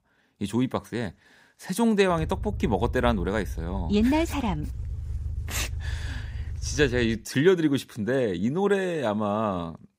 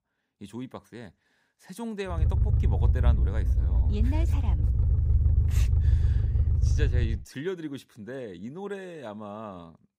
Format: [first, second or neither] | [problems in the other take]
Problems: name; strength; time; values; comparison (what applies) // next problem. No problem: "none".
first | low rumble; loud; from 2 to 7 s; 2 dB below the speech; faint in the first